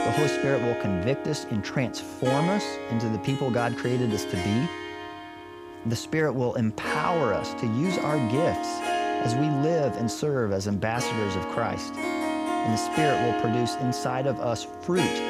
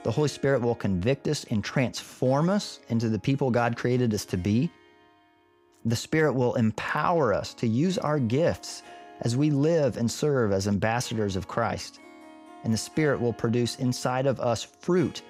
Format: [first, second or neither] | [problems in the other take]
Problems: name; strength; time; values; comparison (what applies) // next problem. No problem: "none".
second | background music; loud; throughout; 3 dB below the speech; faint in the second